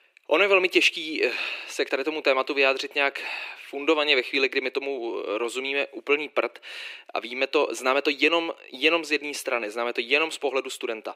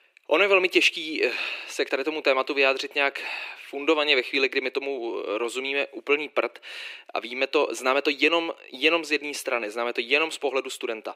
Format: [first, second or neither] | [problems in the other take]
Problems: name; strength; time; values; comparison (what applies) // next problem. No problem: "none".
neither | thin; very; fading below 350 Hz; the same in both